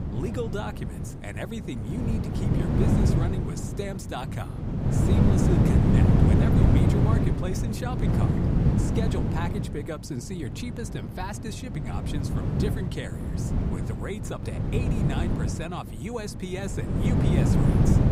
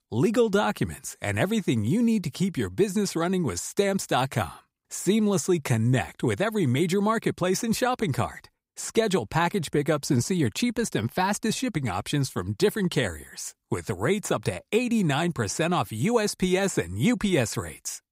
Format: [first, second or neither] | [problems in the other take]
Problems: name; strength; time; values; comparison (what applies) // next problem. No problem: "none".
second | wind noise on the microphone; heavy; 4 dB above the speech